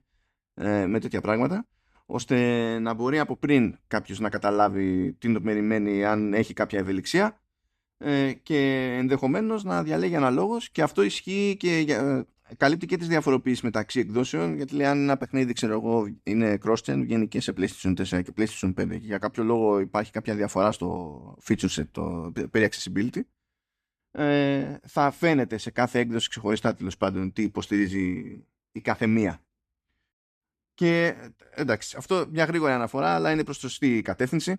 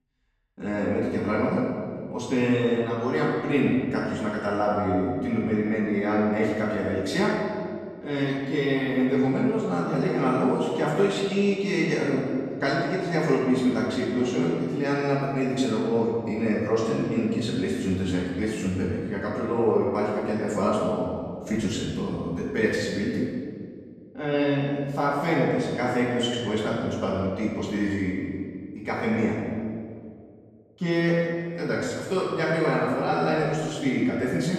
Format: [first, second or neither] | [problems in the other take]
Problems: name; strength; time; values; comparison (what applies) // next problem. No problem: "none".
first | room echo; noticeable; dies away in 1.8 s // off-mic speech; far